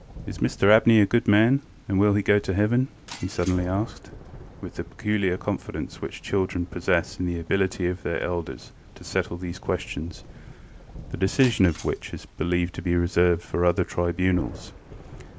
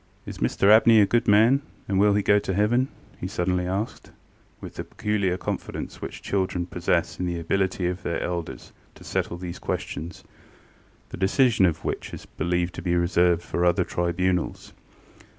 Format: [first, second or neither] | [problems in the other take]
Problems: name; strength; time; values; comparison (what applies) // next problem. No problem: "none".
second | background sound (Thunder + Shatter); 19 dB below the speech